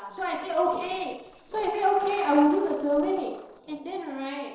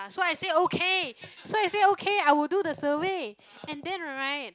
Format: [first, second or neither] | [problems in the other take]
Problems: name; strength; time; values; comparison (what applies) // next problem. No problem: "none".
second | noise reduction (neural separator model SepFormer DNS4)